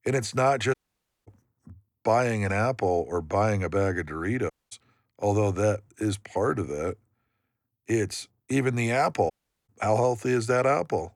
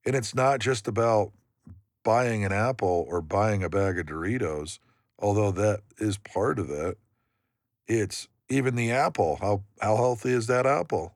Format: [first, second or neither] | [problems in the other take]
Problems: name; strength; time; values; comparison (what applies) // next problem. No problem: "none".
second | audio cutting out; at 0.5 s for 0.5 s, at 4.5 s and at 9.5 s